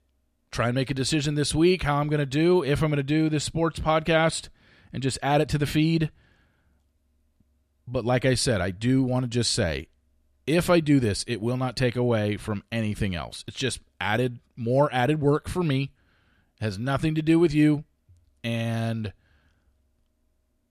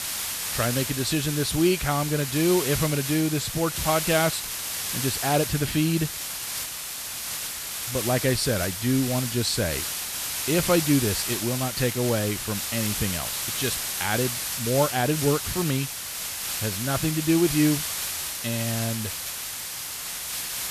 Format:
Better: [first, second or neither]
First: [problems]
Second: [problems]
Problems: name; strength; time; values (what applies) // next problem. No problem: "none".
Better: first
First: none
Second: hiss; loud; throughout; 3 dB below the speech